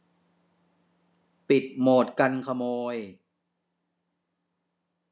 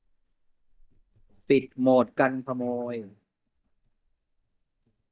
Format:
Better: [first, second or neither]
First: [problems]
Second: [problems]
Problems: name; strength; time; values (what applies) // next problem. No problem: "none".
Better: first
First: none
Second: noise reduction (neural mask model DeepFilterNet 3)